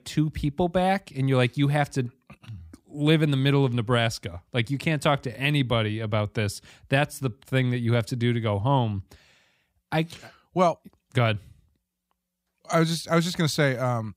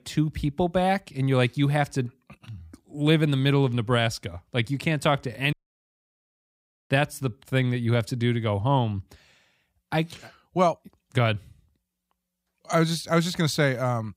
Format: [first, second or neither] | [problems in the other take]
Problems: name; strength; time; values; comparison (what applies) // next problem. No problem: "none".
first | audio cutting out; at 5.5 s for 1.5 s